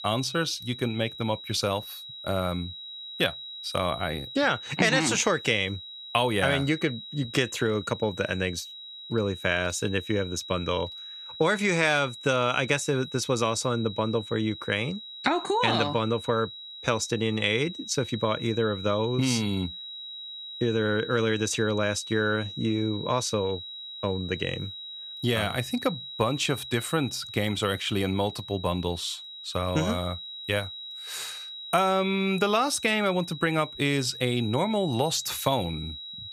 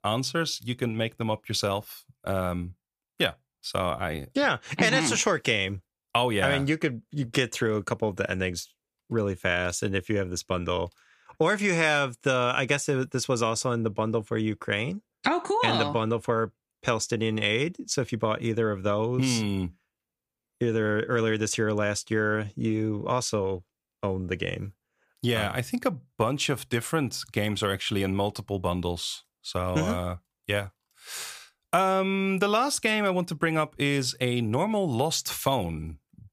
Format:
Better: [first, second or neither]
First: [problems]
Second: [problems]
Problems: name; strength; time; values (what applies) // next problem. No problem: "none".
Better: second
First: high-pitched whine; noticeable; throughout; 4 kHz, 10 dB below the speech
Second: none